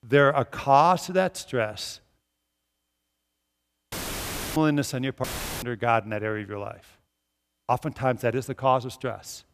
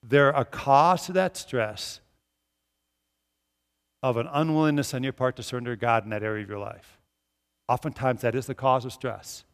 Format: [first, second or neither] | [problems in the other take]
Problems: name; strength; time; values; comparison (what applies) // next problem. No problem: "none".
second | audio cutting out; filled with static; at 4 s for 0.5 s and at 5 s